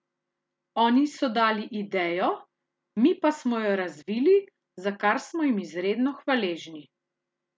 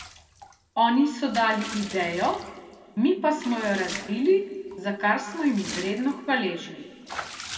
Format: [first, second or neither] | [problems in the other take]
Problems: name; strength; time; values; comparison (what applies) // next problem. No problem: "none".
first | background sound (Bathtub (filling or washing) / Water / Liquid); 15 dB below the speech // room echo; dies away in 1.7 s